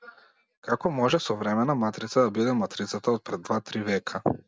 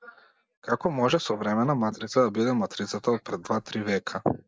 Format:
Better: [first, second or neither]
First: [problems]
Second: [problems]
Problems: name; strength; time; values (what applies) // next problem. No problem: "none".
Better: first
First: none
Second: noise reduction (neural mask model Resemble Enhance denoiser)